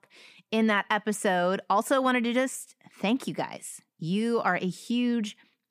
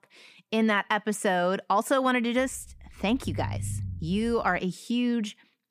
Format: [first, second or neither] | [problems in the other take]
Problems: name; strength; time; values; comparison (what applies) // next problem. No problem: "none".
first | low rumble; faint; from 2.5 to 4.5 s; 25 dB below the speech